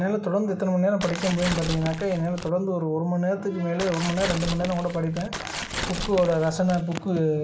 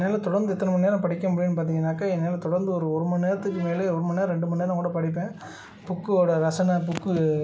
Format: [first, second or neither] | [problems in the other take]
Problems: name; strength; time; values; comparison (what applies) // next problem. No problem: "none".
second | background sound (Tearing); 8 dB below the speech